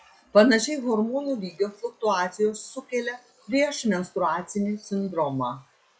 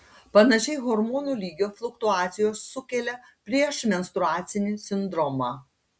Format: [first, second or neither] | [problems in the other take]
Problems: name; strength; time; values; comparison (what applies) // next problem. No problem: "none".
second | noise reduction (classical method log-MMSE)